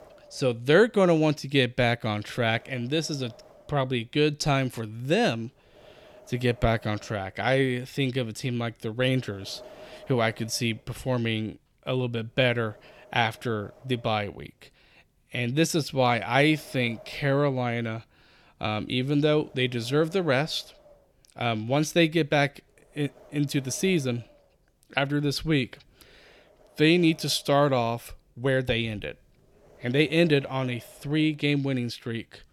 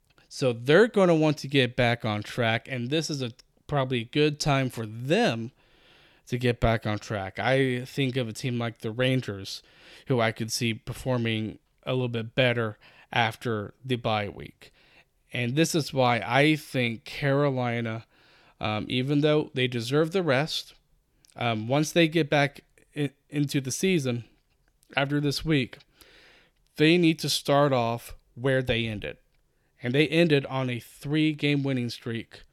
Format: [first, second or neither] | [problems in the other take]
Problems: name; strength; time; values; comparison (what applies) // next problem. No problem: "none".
second | wind noise on the microphone; occasional gusts; 25 dB below the speech